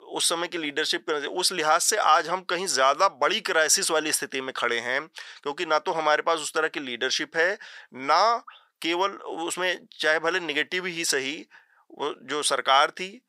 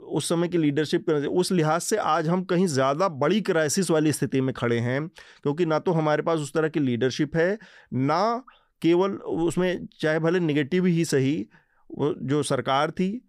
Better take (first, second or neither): second